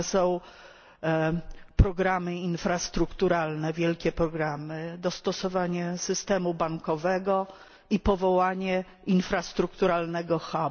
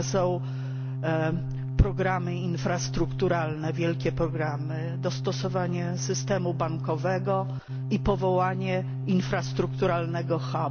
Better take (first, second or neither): first